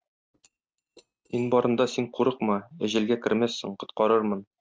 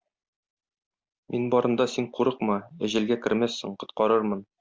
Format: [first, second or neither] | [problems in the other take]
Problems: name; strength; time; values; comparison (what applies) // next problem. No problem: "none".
second | noise reduction (neural mask model RNNoise)